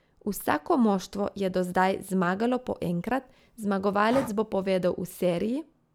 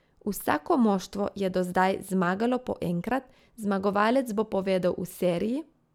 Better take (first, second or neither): second